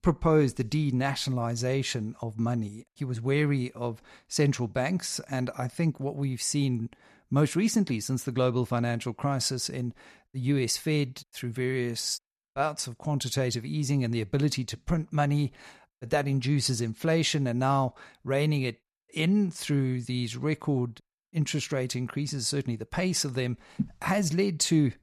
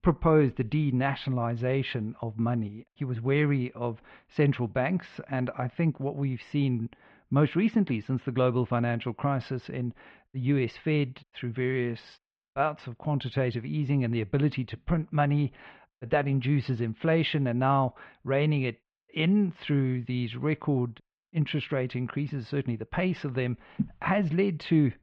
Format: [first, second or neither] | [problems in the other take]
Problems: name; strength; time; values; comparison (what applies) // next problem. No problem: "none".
first | muffled; very; fading above 3 kHz